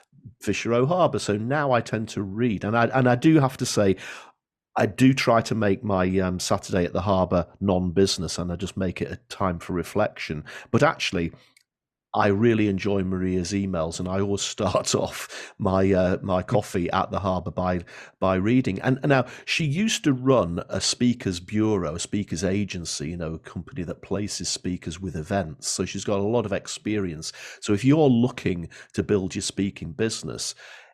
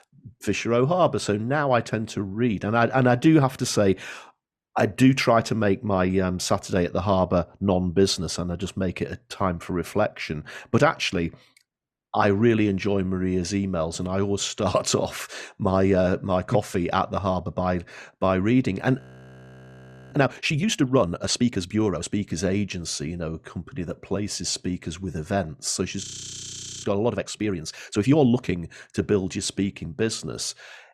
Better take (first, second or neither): first